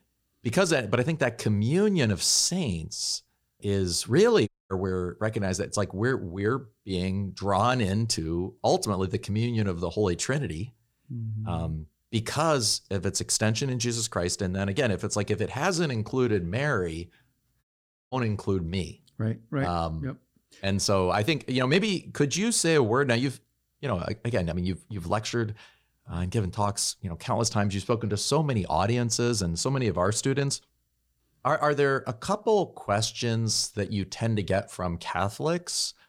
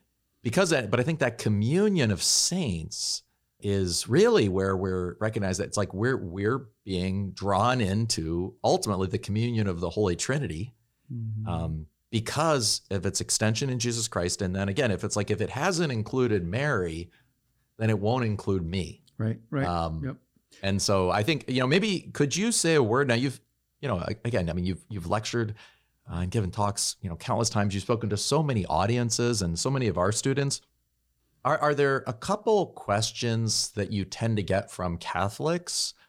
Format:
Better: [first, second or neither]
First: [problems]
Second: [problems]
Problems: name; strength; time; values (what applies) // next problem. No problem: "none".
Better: second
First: audio cutting out; at 4.5 s and at 18 s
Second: none